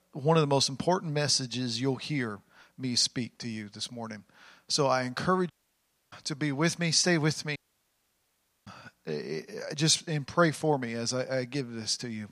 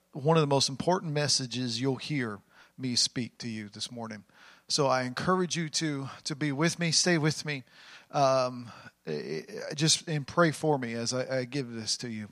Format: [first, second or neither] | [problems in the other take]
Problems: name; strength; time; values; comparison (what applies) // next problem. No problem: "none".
second | audio cutting out; at 5.5 s for 0.5 s and at 7.5 s for 1 s